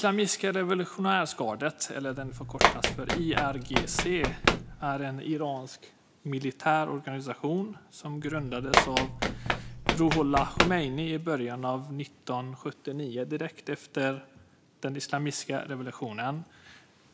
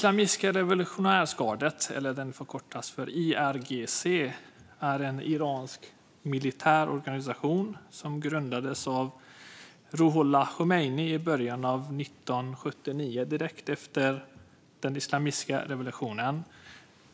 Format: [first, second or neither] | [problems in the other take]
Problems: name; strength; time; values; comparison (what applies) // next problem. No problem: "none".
second | background sound (Run); 1 dB above the speech